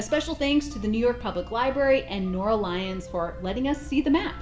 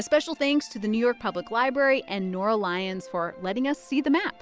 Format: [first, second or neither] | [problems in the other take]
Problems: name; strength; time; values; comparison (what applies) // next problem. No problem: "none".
second | background sound (Telephone); 14 dB below the speech // room echo; dies away in 0.6 s